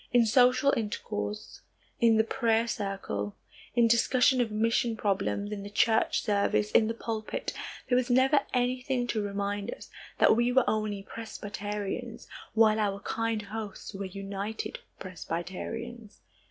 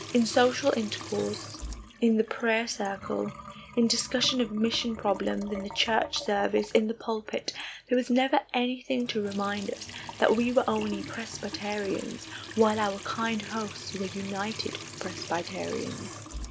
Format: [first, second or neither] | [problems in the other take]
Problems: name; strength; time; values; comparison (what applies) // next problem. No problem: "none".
first | background sound (Trickle, dribble / Sink (filling or washing) / Water tap, faucet); 13 dB below the speech